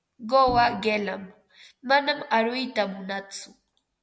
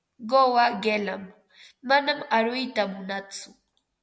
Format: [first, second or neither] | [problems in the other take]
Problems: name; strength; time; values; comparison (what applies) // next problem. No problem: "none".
second | background sound (Bowed string instrument); 14 dB below the speech